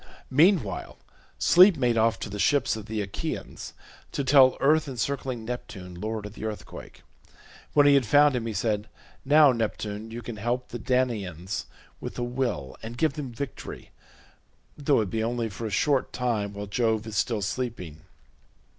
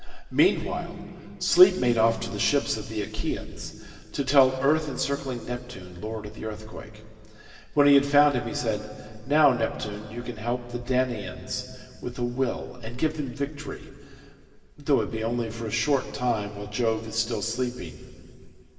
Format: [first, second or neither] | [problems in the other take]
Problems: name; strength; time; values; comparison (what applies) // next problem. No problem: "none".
first | room echo; dies away in 2.3 s